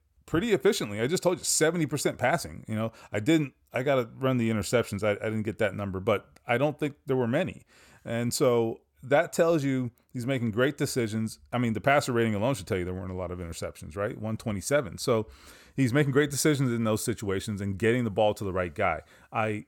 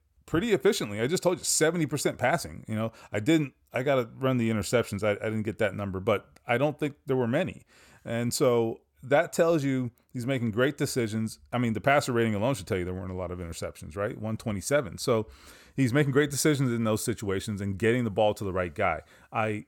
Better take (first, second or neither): neither